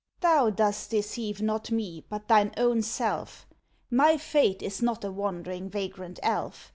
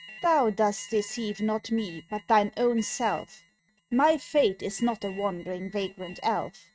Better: first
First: none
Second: noise reduction (neural mask model RNNoise)

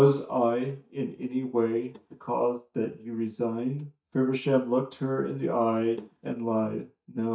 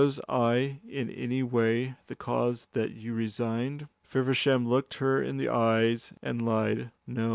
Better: second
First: noise reduction (neural mask model DeepFilterNet 3)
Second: none

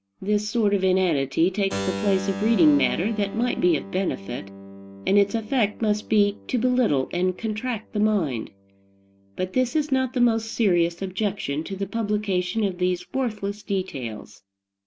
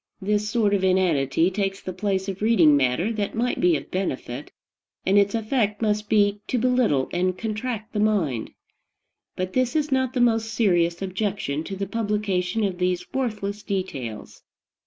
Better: second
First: background sound (Keyboard (musical)); 14 dB below the speech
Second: none

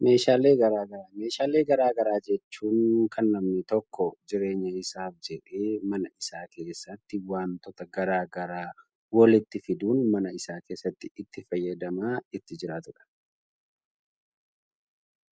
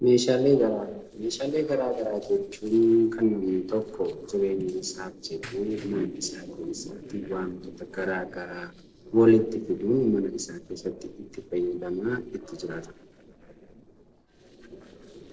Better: first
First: none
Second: noise reduction (neural separator model SepFormer DNS4)

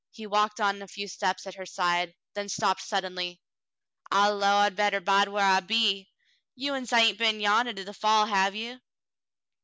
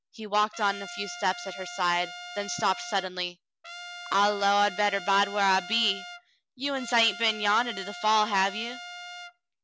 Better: first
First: none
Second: background sound (Trumpet); 13 dB below the speech

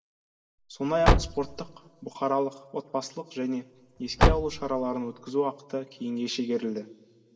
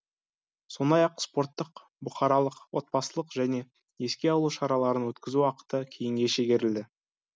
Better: second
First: background sound (Car); 4 dB above the speech // room echo; dies away in 1.7 s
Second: none

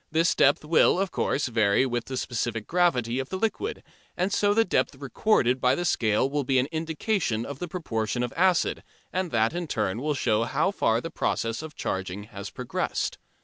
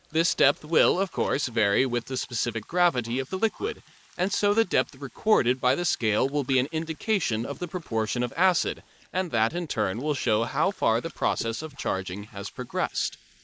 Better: first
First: none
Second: noise reduction (neural mask model Resemble Enhance denoiser)

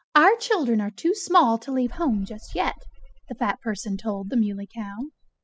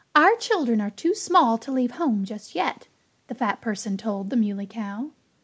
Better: second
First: noise reduction (classical method spectral subtraction)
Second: none

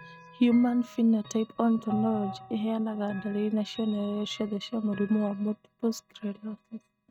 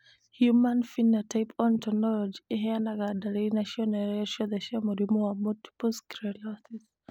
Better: second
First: noise reduction (neural mask model RNNoise)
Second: none

